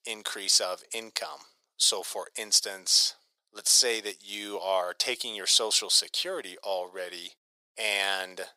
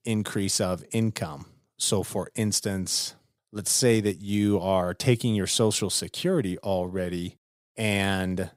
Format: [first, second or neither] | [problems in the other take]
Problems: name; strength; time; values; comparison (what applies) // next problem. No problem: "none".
second | thin; very; fading below 600 Hz